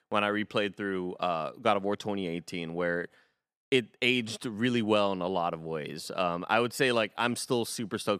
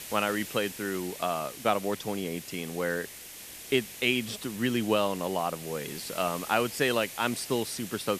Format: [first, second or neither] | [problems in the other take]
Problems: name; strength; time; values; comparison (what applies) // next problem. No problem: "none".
first | hiss; noticeable; throughout; 10 dB below the speech